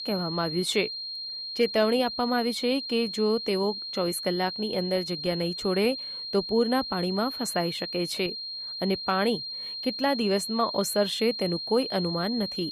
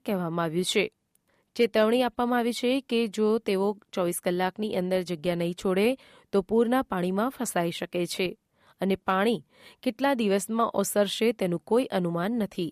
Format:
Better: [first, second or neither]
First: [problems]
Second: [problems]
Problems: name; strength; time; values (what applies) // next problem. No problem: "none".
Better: second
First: high-pitched whine; loud; throughout; 4 kHz, 5 dB below the speech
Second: none